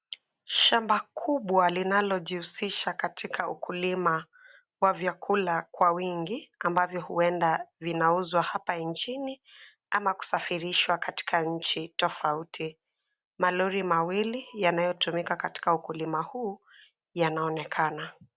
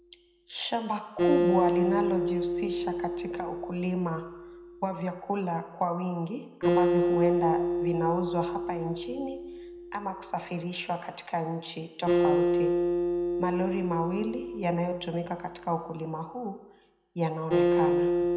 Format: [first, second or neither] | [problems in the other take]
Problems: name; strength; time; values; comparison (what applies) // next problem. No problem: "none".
first | background sound (Acoustic guitar); 3 dB above the speech // room echo; dies away in 0.7 s